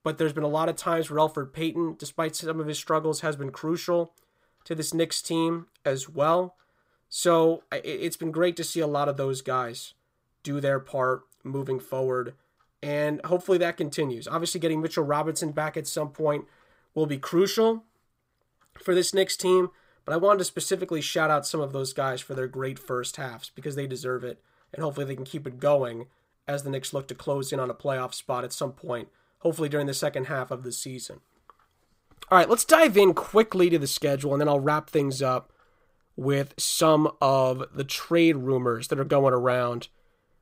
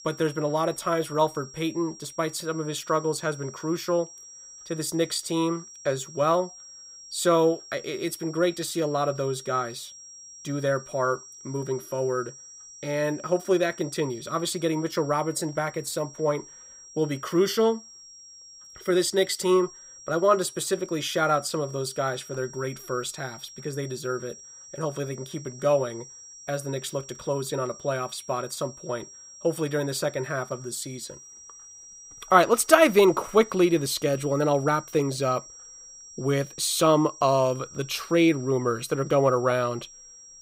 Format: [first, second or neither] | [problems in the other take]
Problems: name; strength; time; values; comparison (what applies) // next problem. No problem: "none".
first | high-pitched whine; noticeable; throughout; 5.5 kHz, 15 dB below the speech